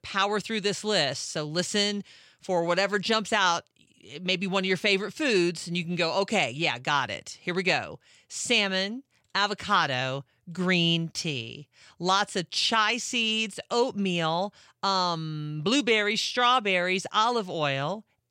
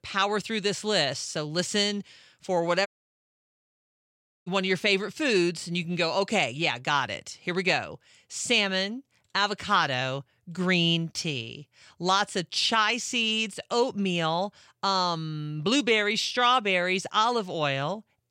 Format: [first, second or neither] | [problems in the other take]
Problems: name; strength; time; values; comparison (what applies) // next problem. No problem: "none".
first | audio cutting out; at 3 s for 1.5 s